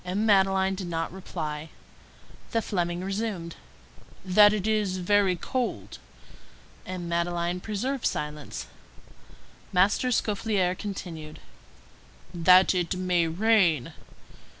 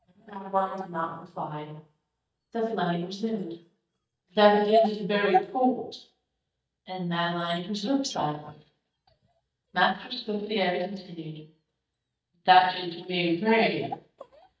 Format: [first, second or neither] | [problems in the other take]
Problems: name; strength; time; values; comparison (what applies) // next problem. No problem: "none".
first | noise reduction (neural mask model DeepFilterNet 3)